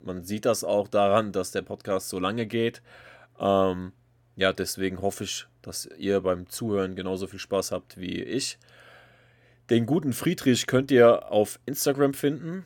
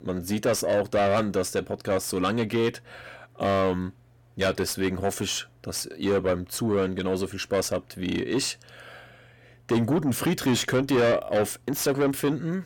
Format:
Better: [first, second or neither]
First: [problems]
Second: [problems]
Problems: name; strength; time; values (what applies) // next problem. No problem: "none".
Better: first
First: none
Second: distortion; heavy; 7 dB below the speech